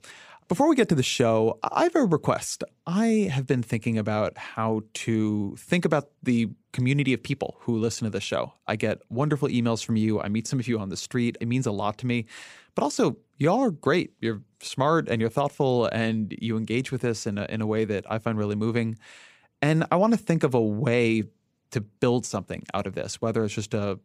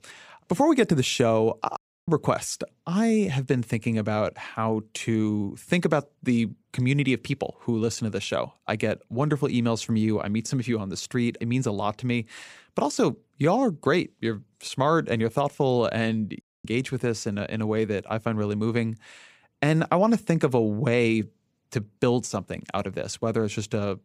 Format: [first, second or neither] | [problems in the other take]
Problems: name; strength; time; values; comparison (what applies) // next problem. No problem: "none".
first | audio cutting out; at 2 s and at 16 s